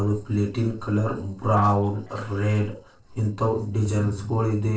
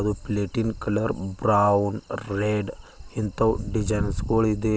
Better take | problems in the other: second | noise reduction (neural separator model SepFormer DNS4)

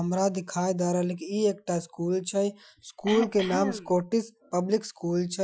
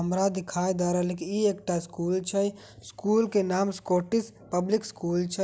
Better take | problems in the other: second | noise reduction (classical method Wiener filter)

